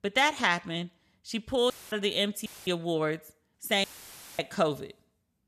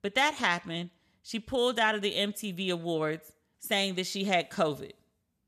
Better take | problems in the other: second | audio cutting out; filled with static; at 1.5 s, at 2.5 s and at 4 s for 0.5 s

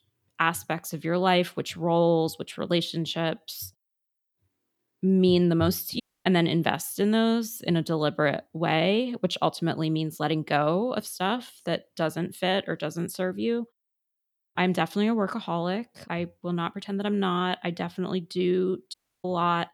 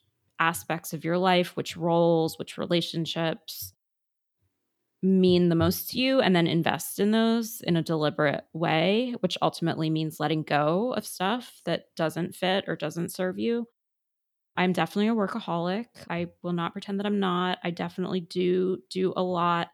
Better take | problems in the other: second | audio cutting out; at 6 s and at 19 s

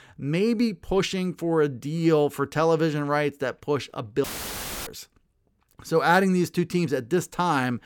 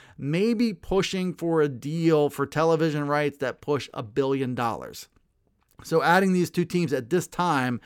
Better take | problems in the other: second | audio cutting out; filled with static; at 4 s for 0.5 s

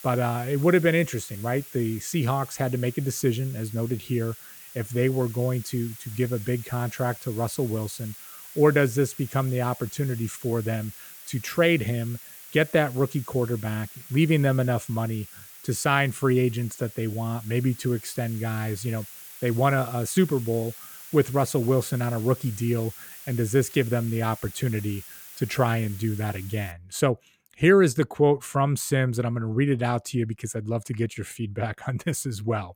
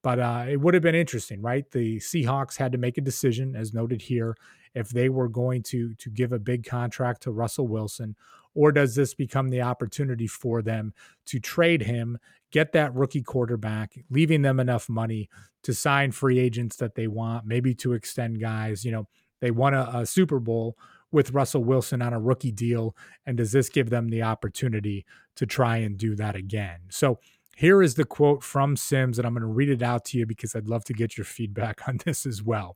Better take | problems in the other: second | hiss; noticeable; until 27 s; 15 dB below the speech

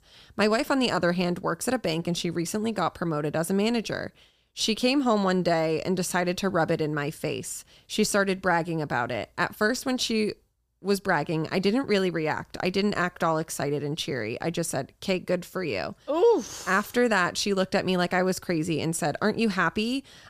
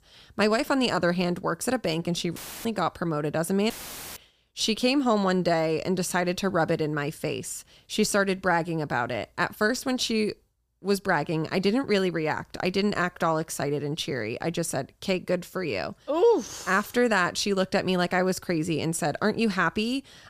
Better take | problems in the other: first | audio cutting out; filled with static; at 2.5 s and at 3.5 s

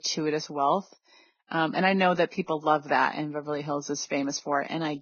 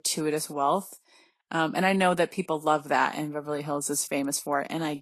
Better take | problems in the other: second | garbled, watery; badly; nothing above 6.5 kHz; slightly in the second

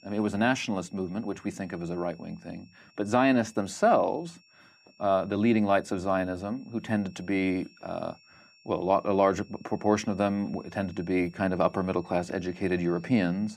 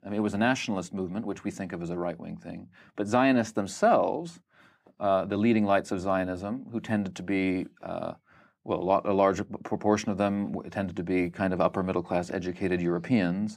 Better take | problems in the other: second | high-pitched whine; faint; throughout; 2.5 kHz, 30 dB below the speech

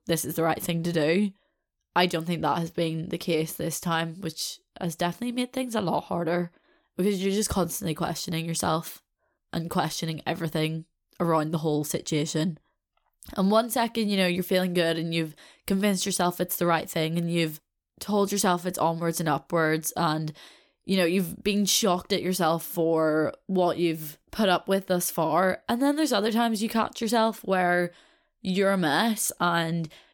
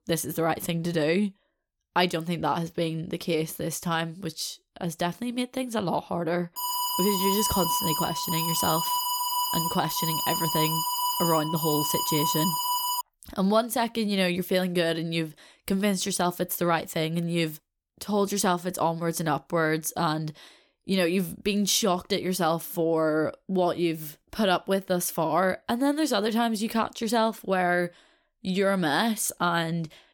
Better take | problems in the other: first | alarm; loud; from 6.5 to 13 s; peak 1 dB above the speech

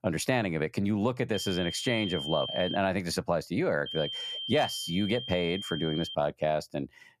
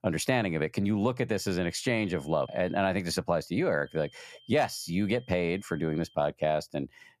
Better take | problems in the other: second | high-pitched whine; loud; from 1.5 to 3 s and from 4 to 6 s; 3 kHz, 6 dB below the speech; faint in the second

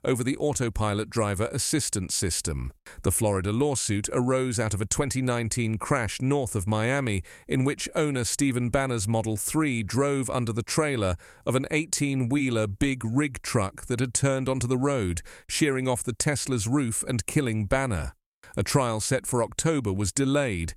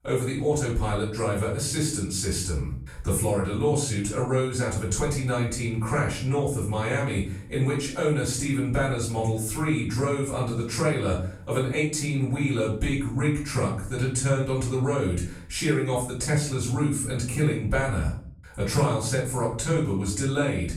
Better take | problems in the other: first | off-mic speech; far // room echo; noticeable; dies away in 0.5 s

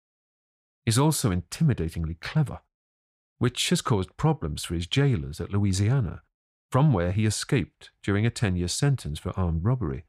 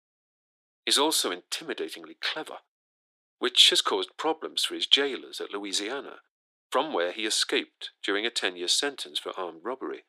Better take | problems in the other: first | thin; very; fading below 300 Hz

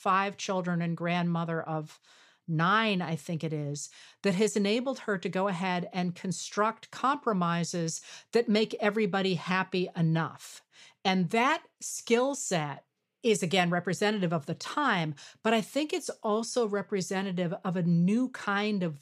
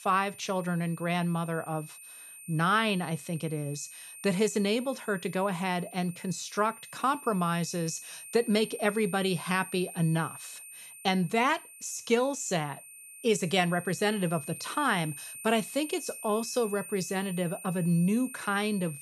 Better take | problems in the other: first | high-pitched whine; noticeable; throughout; 9 kHz, 15 dB below the speech

